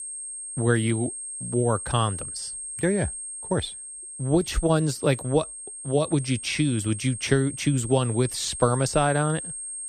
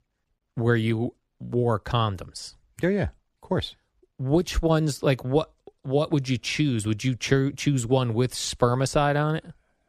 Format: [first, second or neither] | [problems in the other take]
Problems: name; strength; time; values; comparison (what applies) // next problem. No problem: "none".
second | high-pitched whine; loud; throughout; 8.5 kHz, 8 dB below the speech